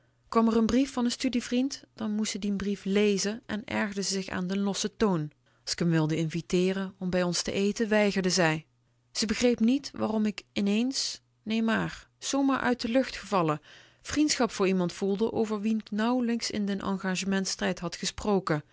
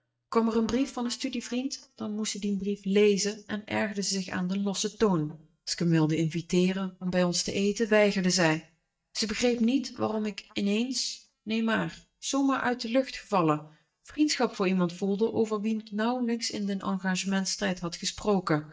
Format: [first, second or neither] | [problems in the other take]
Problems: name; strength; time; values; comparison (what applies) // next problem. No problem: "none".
first | noise reduction (neural mask model DeepFilterNet 3)